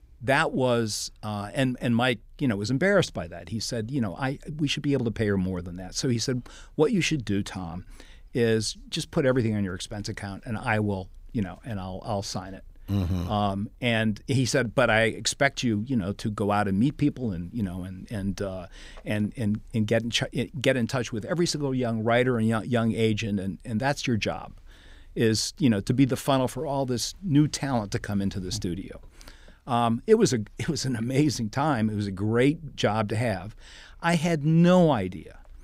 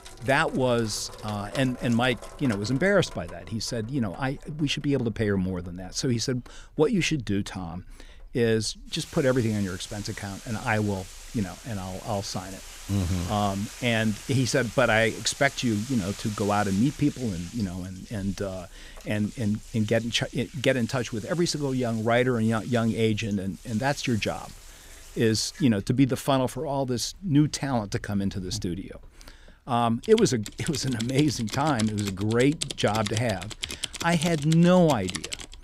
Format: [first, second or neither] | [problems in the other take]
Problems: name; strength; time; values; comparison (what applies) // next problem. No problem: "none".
first | household noises; noticeable; throughout; 15 dB below the speech